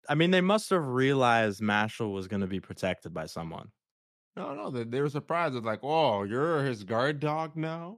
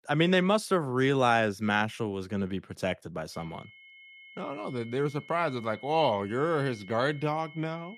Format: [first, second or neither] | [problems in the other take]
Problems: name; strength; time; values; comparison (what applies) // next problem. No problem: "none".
first | high-pitched whine; faint; from 3.5 s on; 2 kHz, 20 dB below the speech